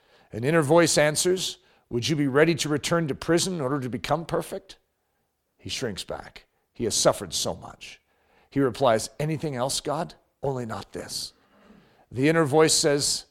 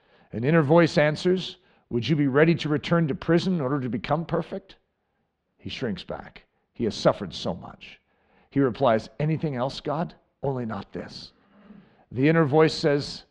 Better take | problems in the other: first | muffled; slightly; fading above 3.5 kHz

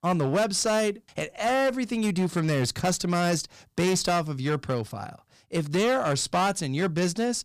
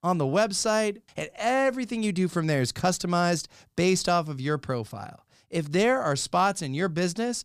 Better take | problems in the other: second | distortion; slight; 11% of the sound clipped

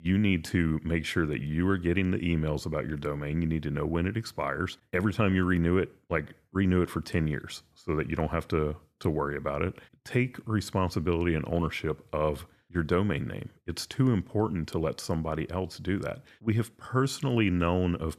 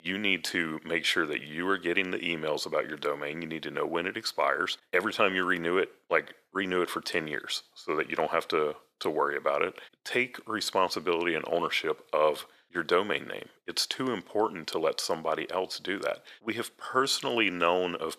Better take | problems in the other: first | thin; very; fading below 550 Hz

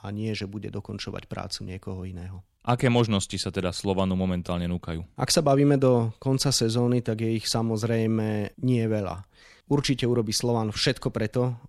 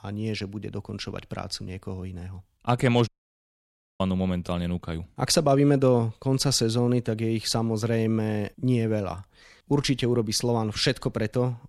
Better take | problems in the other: first | audio cutting out; at 3 s for 1 s

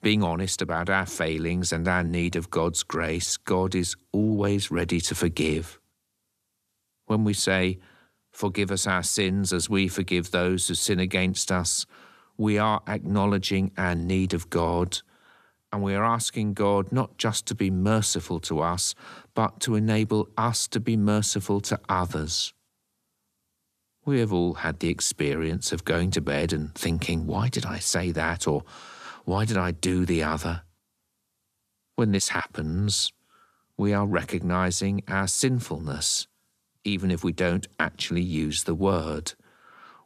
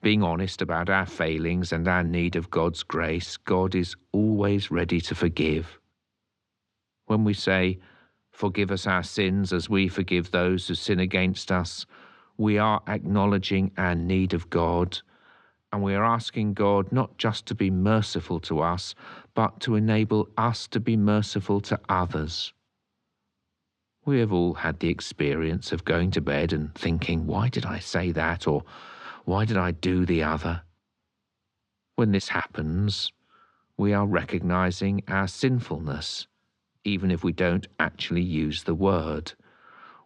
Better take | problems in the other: first | muffled; slightly; fading above 4 kHz

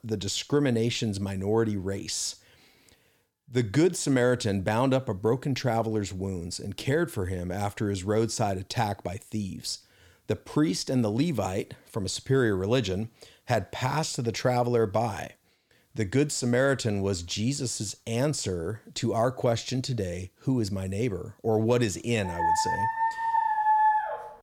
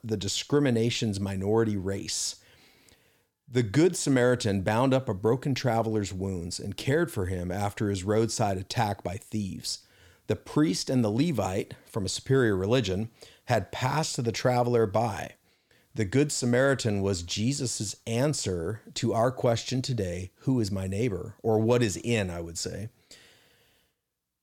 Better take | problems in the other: second | dog barking; loud; from 22 s on; peak 6 dB above the speech

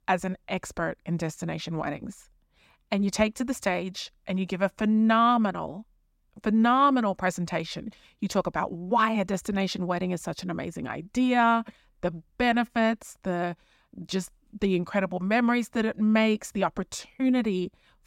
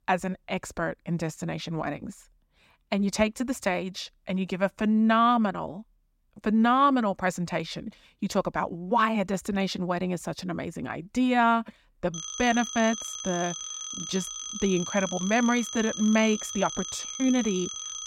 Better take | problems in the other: first | phone ringing; noticeable; from 12 s on; peak 6 dB below the speech

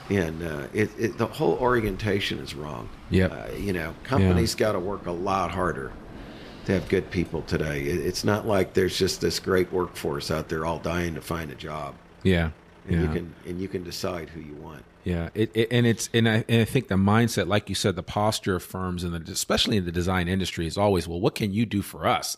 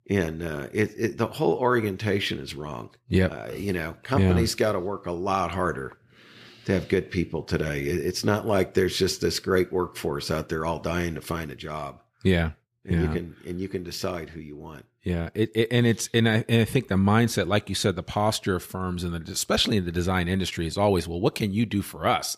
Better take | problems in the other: second | traffic noise; faint; throughout; 20 dB below the speech

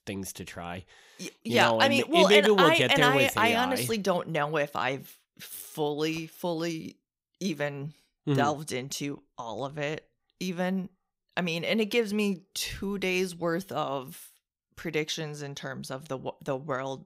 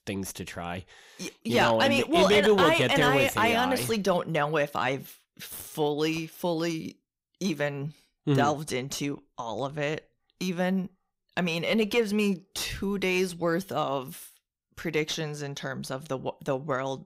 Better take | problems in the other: first | distortion; slight; 10 dB below the speech

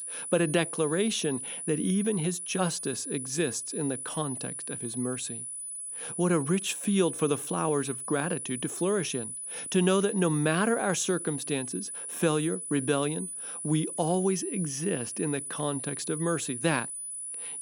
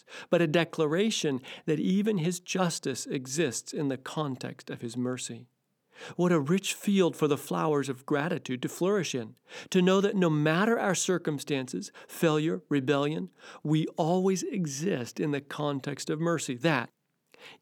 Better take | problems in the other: second | high-pitched whine; loud; throughout; 10 kHz, 5 dB below the speech

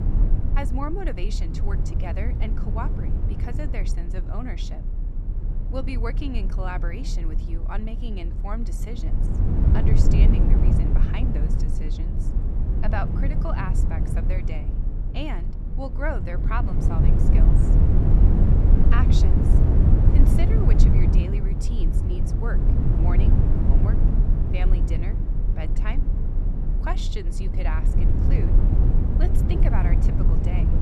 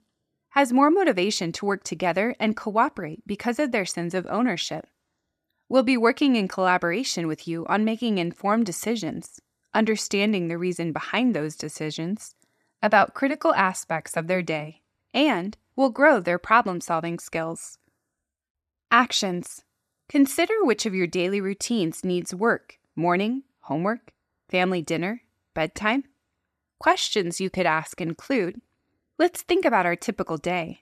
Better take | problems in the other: second | low rumble; loud; throughout; as loud as the speech

